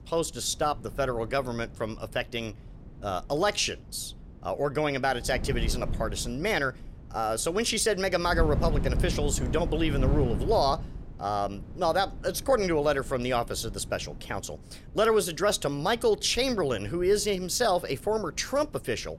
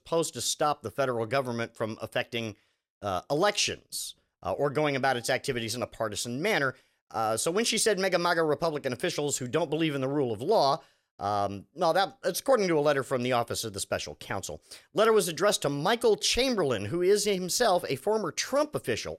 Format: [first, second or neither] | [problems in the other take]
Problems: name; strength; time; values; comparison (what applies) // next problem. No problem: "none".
second | wind noise on the microphone; occasional gusts; 20 dB below the speech